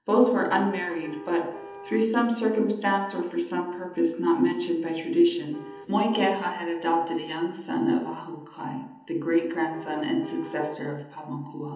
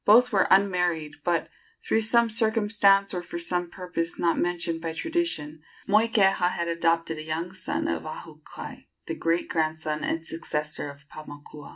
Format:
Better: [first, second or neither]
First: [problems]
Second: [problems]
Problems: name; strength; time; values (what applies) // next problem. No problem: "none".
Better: second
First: background sound (Car); 18 dB below the speech // room echo; dies away in 0.9 s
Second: none